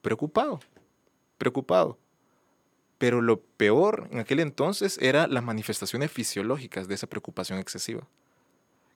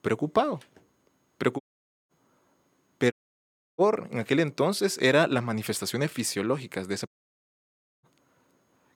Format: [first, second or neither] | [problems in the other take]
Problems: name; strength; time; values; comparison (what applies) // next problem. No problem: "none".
first | audio cutting out; at 1.5 s, at 3 s for 0.5 s and at 7 s for 1 s